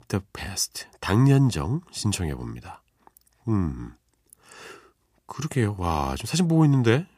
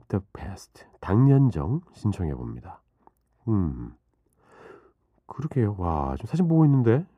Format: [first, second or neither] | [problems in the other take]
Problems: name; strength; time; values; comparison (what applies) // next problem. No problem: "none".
first | muffled; very; fading above 2 kHz